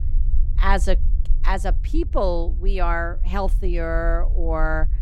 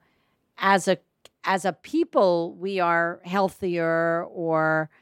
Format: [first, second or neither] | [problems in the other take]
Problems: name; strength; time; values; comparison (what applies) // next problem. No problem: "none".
second | low rumble; faint; throughout; 20 dB below the speech